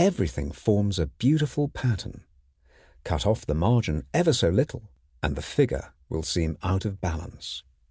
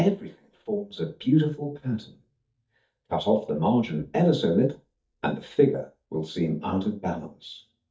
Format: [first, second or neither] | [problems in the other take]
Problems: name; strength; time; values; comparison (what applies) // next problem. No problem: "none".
first | noise reduction (neural mask model DeepFilterNet 3)